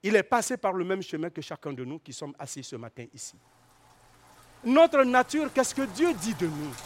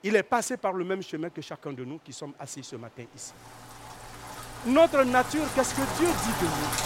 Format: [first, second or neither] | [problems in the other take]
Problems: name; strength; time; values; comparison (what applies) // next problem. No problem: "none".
first | rain or running water; loud; throughout; 7 dB below the speech; faint in the first